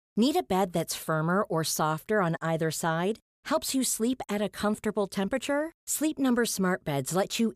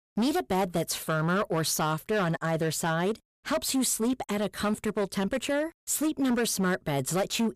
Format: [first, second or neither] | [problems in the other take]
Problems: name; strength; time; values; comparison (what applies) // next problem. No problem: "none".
first | distortion; slight; 13% of the sound clipped